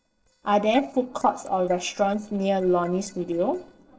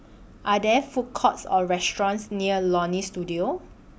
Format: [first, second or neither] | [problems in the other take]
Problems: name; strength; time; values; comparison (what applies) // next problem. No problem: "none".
second | noise reduction (neural separator model SepFormer DNS4)